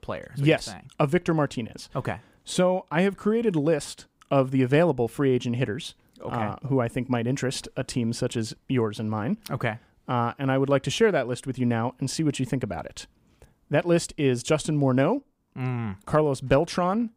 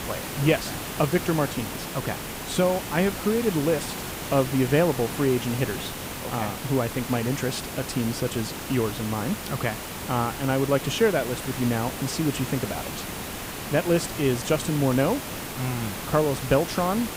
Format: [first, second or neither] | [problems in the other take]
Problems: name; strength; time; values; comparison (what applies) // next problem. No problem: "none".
first | hiss; loud; throughout; 7 dB below the speech